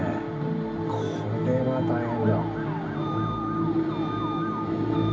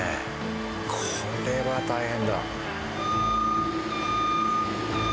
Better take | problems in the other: second | background sound (Motor vehicle (road) / Siren); 15 dB below the speech // room echo; dies away in 0.4 s

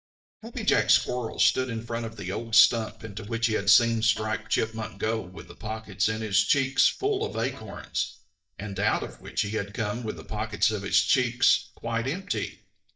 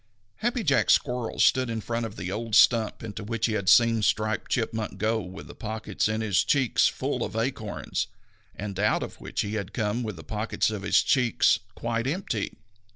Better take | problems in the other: second | noise reduction (neural mask model DeepFilterNet 3)

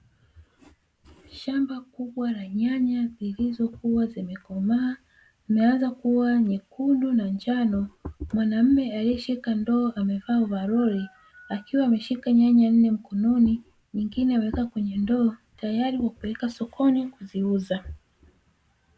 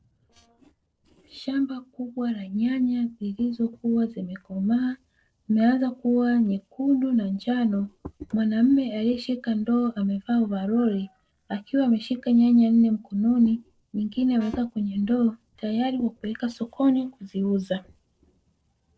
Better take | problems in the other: first | noise reduction (neural separator model SepFormer DNS4)

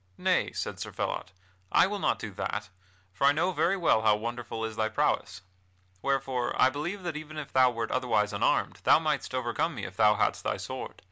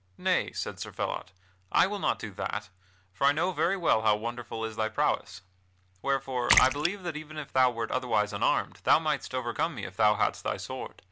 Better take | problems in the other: first | background sound (Splash, splatter); 3 dB below the speech

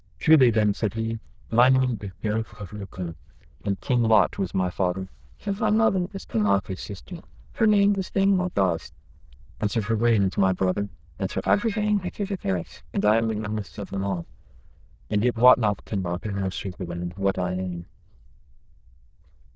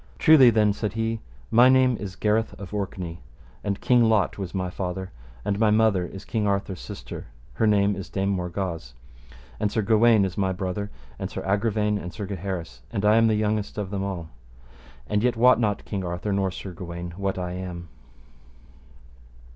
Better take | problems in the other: second | noise reduction (neural diffusion model UNIVERSE++)

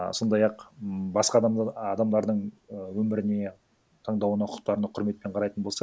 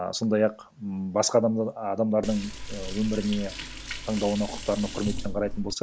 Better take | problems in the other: first | background sound (Liquid); 7 dB below the speech

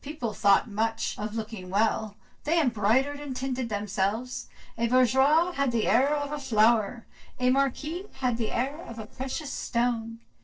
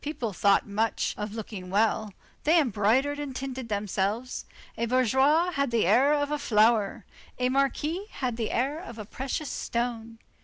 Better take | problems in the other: second | noise reduction (neural separator model SepFormer DNS4)

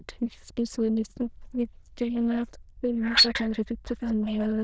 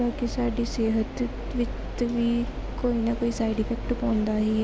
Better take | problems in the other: second | noise reduction (neural diffusion model UNIVERSE++)

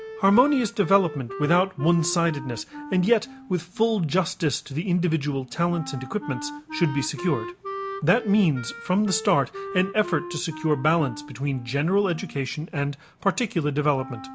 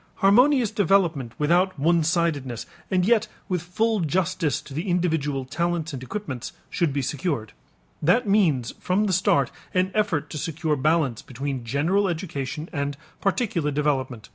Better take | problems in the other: second | background sound (Wind instrument, woodwind instrument); 14 dB below the speech

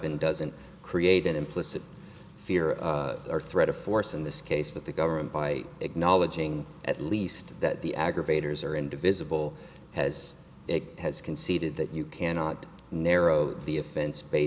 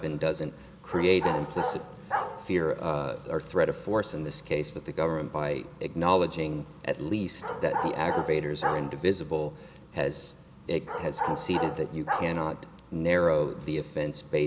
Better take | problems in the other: first | background sound (Bark); 6 dB below the speech

